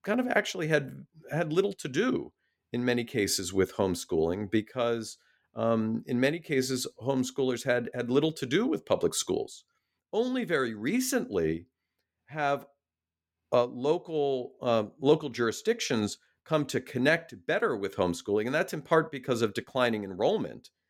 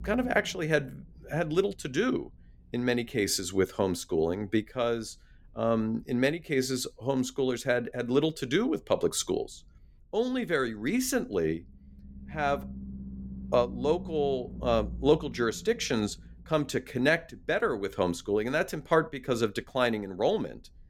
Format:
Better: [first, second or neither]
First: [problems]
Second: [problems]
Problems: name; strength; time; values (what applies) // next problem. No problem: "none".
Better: first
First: none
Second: low rumble; faint; throughout; 25 dB below the speech